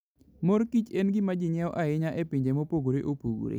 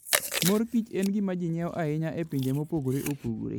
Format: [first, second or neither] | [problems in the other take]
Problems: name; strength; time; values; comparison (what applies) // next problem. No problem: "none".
first | noise reduction (neural mask model Resemble Enhance denoiser)